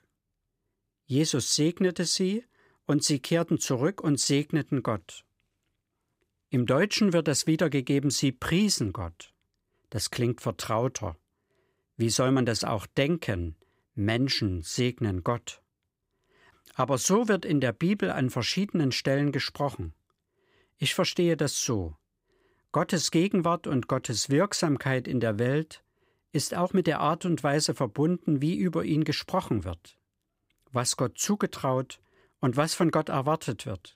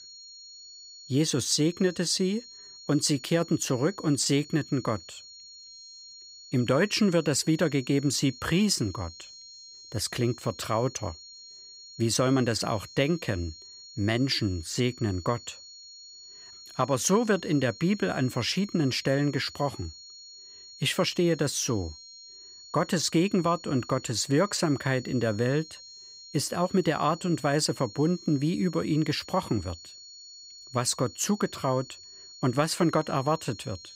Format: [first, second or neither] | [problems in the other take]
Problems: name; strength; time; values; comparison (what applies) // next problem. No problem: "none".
first | high-pitched whine; noticeable; throughout; 4 kHz, 20 dB below the speech